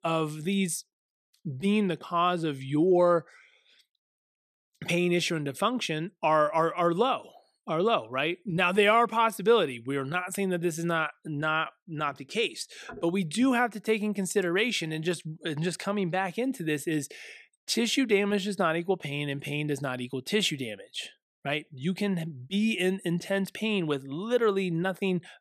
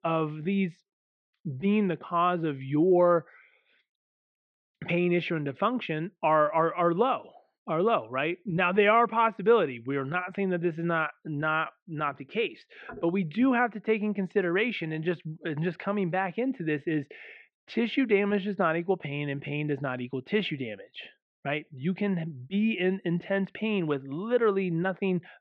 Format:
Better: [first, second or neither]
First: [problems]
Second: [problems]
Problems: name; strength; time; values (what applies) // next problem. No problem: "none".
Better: first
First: none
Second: muffled; very; fading above 2.5 kHz